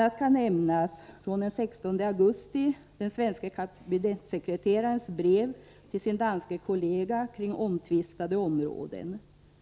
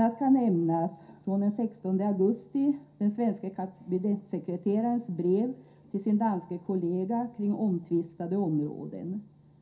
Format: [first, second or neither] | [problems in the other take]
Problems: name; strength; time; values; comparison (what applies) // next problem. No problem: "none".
first | room echo; dies away in 0.3 s